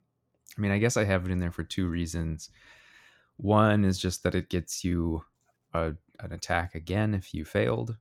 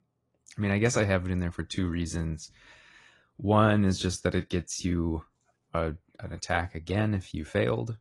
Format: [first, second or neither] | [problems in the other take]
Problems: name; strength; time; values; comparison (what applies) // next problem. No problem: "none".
first | garbled, watery; slightly; nothing above 10.5 kHz